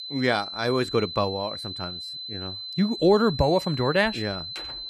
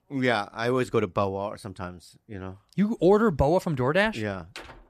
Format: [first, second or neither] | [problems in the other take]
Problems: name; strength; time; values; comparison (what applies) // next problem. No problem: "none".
second | high-pitched whine; loud; throughout; 4 kHz, 9 dB below the speech